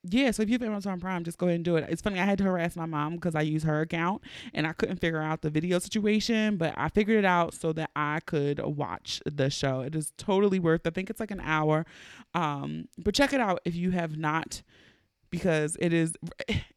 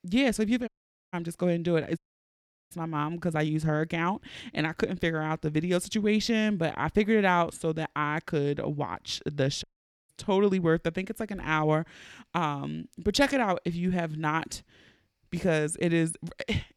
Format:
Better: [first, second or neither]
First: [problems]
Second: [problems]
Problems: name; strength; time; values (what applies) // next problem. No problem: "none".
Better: first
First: none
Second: audio cutting out; at 0.5 s, at 2 s for 0.5 s and at 9.5 s